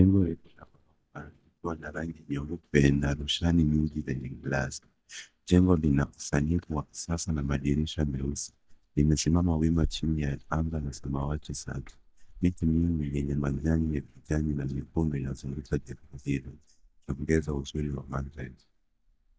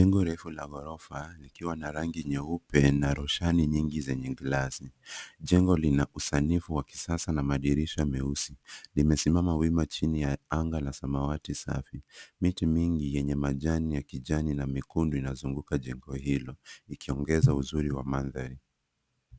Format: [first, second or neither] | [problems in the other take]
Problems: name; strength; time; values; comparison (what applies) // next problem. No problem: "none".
second | noise reduction (neural mask model DeepFilterNet 3)